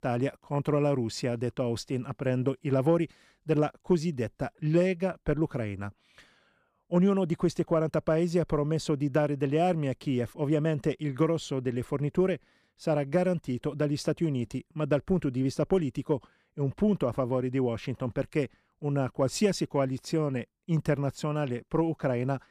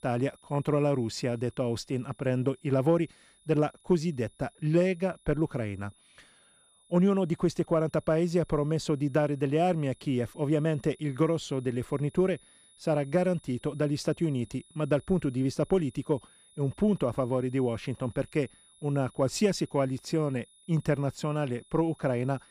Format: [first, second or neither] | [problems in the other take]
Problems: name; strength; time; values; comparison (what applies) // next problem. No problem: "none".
first | high-pitched whine; faint; throughout; 10 kHz, 30 dB below the speech